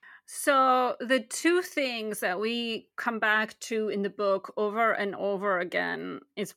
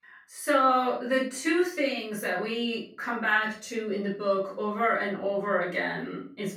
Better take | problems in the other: first | room echo; slight; dies away in 0.4 s // off-mic speech; far

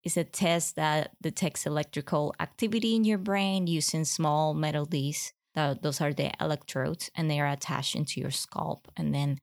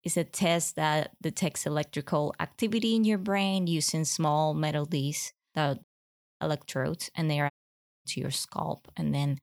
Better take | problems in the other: first | audio cutting out; at 6 s for 0.5 s and at 7.5 s for 0.5 s

